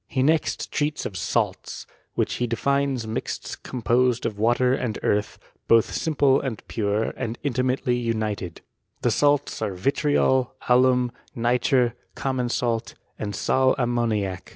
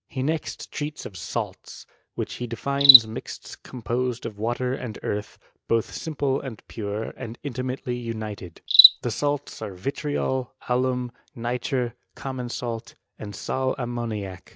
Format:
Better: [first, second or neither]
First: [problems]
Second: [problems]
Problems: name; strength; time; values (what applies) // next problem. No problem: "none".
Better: first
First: none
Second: noise reduction (neural mask model RNNoise)